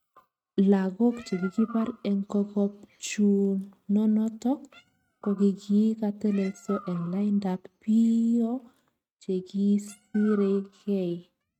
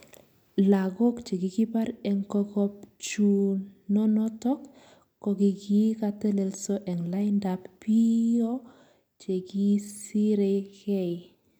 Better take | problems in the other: second | noise reduction (neural mask model RNNoise)

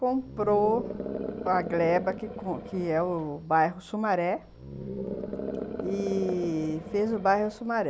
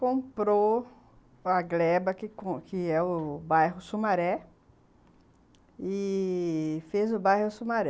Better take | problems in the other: second | background sound (Animal); 8 dB below the speech

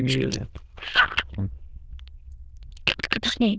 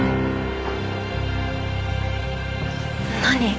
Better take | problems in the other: second | noise reduction (neural diffusion model UNIVERSE++)

